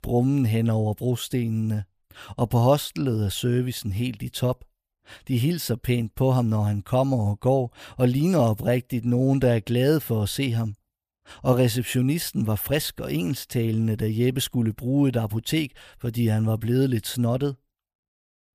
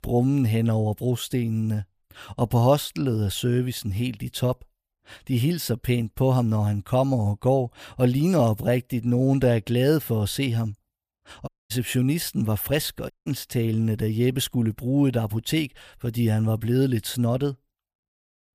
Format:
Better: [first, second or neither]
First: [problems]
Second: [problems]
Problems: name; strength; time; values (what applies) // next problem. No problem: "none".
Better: first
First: none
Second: audio cutting out; at 11 s and at 13 s